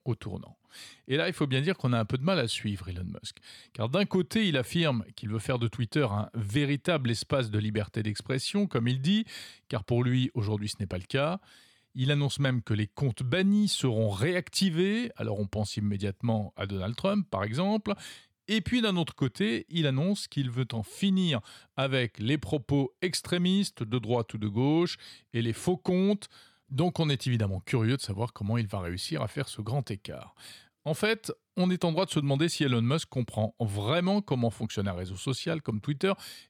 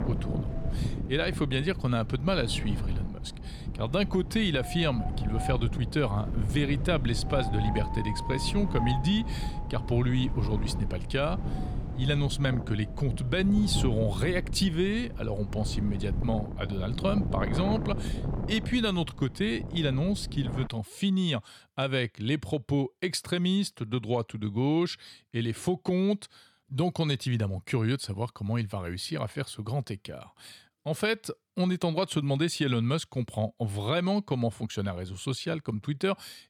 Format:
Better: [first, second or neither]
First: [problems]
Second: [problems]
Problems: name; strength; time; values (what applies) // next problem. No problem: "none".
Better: first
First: none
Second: wind noise on the microphone; heavy; until 21 s; 9 dB below the speech